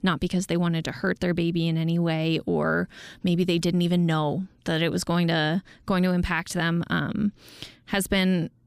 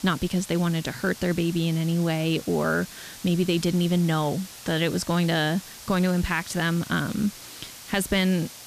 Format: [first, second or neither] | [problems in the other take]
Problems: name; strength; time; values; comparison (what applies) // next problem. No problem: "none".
first | hiss; noticeable; throughout; 15 dB below the speech